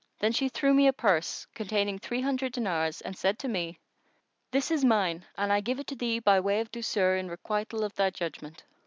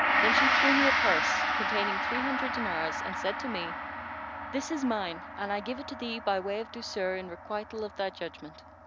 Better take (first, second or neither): first